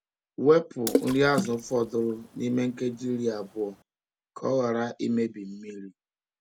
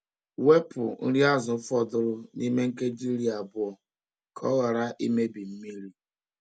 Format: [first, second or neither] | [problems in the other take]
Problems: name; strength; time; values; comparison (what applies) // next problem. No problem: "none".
second | background sound (Water / Splash, splatter); 7 dB below the speech